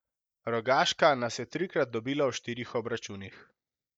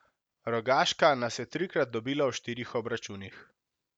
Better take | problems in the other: second | noise reduction (neural mask model DeepFilterNet 3)

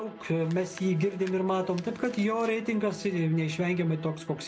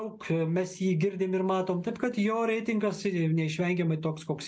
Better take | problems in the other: second | background sound (Bowed string instrument + Chewing, mastication); 18 dB below the speech

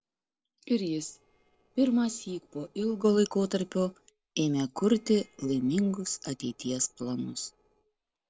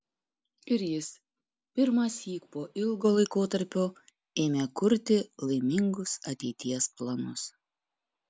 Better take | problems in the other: second | noise reduction (neural separator model SepFormer DNS4)

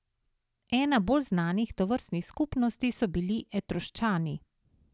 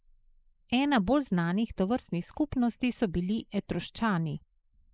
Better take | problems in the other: first | noise reduction (neural mask model Resemble Enhance denoiser)

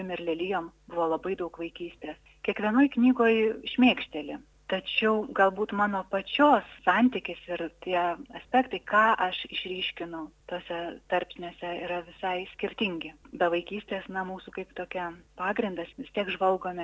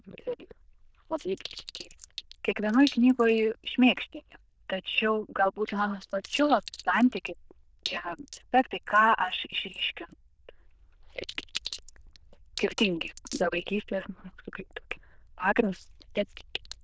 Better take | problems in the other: first | noise reduction (neural diffusion model UNIVERSE++)

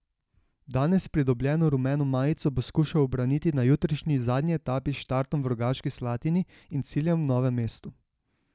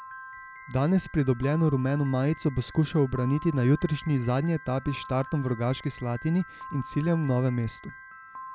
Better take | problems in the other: first | background sound (Piano); 17 dB below the speech

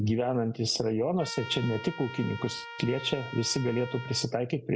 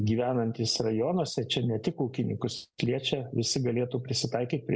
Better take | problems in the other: second | background sound (Trumpet); 14 dB below the speech

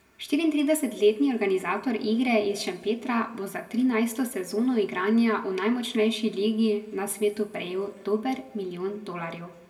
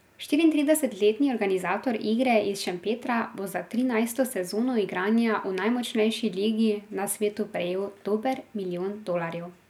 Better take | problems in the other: second | room echo; dies away in 1.3 s

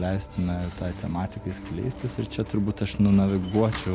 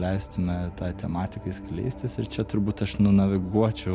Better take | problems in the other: second | background sound (Slam); 20 dB below the speech

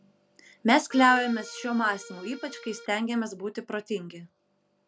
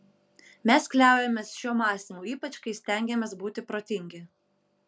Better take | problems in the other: second | background sound (Accordion); 16 dB below the speech

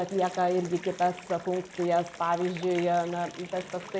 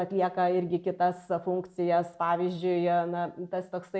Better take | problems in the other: second | background sound (Water); 16 dB below the speech

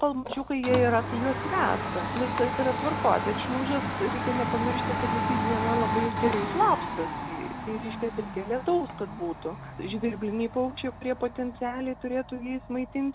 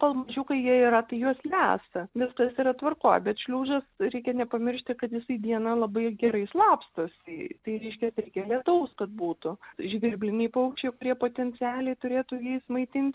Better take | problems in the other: second | background sound (Domestic sounds, home sounds); 3 dB below the speech

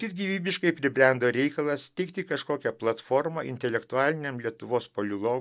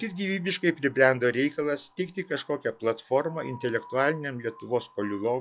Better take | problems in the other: first | noise reduction (classical method log-MMSE)

